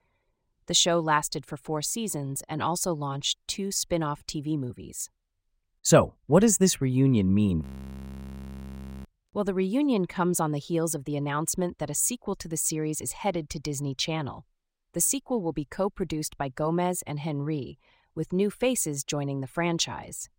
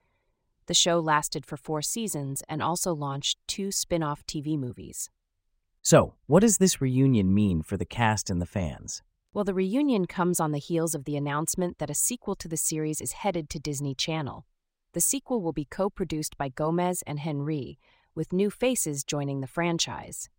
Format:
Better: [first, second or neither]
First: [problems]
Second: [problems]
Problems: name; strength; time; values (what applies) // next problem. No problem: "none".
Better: second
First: audio freezing; at 7.5 s for 1.5 s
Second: none